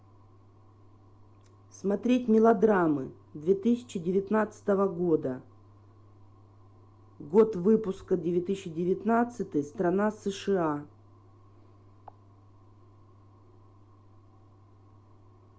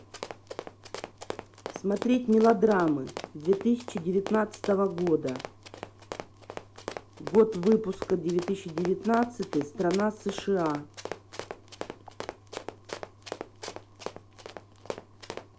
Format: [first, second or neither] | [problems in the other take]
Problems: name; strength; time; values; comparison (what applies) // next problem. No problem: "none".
first | background sound (Run); 12 dB below the speech